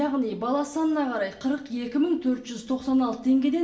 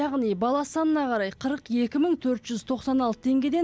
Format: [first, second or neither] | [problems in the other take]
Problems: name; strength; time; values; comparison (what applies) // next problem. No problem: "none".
second | room echo; dies away in 0.7 s